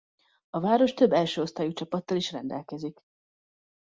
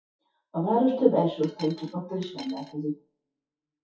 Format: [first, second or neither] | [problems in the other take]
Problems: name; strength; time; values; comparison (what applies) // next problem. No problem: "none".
first | noise reduction (classical method WPE with log-MMSE)